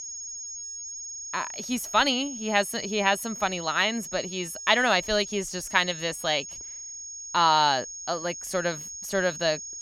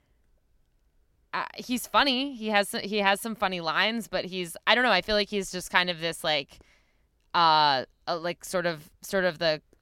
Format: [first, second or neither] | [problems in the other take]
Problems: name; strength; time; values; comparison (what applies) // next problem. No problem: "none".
second | high-pitched whine; loud; throughout; 6.5 kHz, 10 dB below the speech